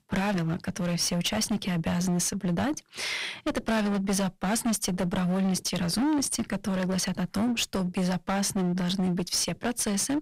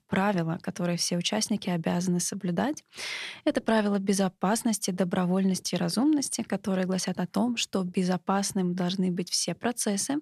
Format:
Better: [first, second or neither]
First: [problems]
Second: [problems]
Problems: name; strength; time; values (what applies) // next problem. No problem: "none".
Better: second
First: distortion; heavy; 19% of the sound clipped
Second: none